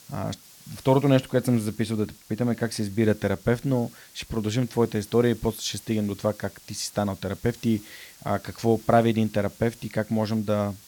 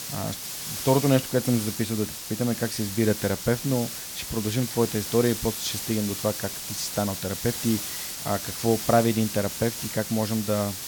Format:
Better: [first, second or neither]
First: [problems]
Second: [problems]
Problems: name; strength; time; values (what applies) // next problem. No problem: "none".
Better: first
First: hiss; faint; throughout; 20 dB below the speech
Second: hiss; loud; throughout; 5 dB below the speech